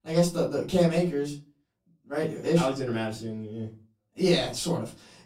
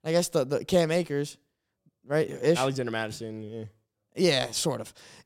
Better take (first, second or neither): second